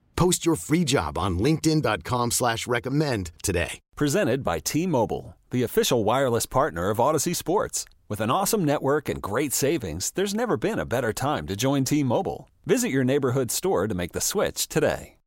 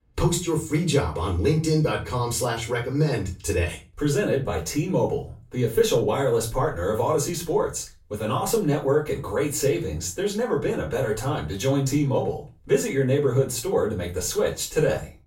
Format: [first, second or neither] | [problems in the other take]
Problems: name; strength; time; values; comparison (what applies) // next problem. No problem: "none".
first | off-mic speech; far // room echo; slight; dies away in 0.3 s